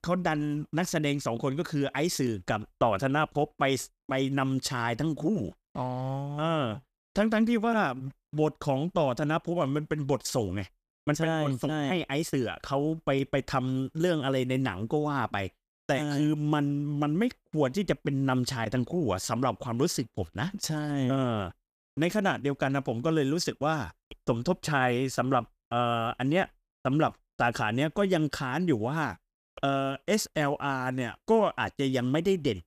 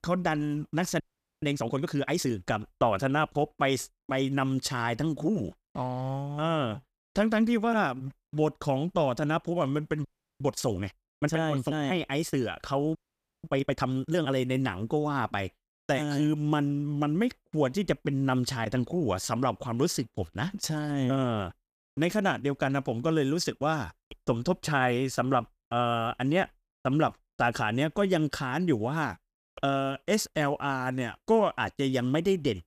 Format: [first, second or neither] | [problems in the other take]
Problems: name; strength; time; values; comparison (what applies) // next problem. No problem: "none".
first | audio freezing; at 1 s, at 10 s and at 13 s